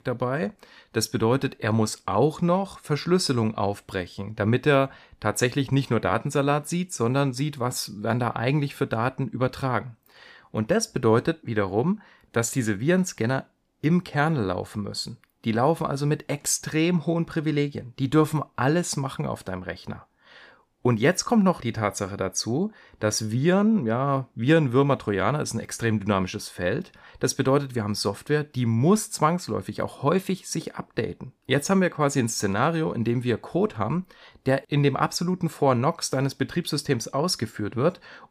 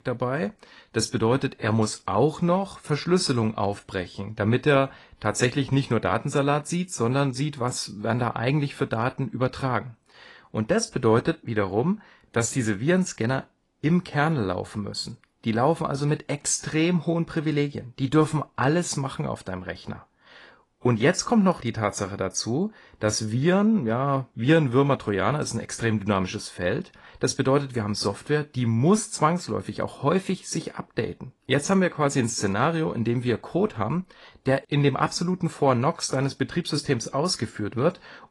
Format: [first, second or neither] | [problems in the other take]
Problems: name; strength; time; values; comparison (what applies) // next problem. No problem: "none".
first | garbled, watery; slightly; nothing above 10.5 kHz